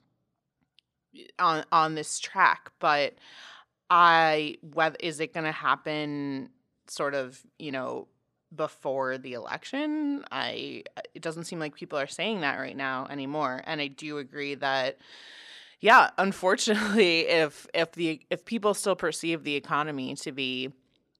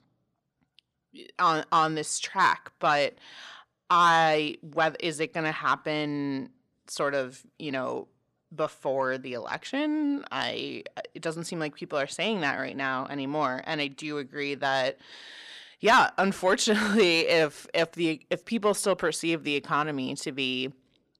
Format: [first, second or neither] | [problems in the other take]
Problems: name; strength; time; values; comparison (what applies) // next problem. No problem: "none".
first | distortion; slight; 10 dB below the speech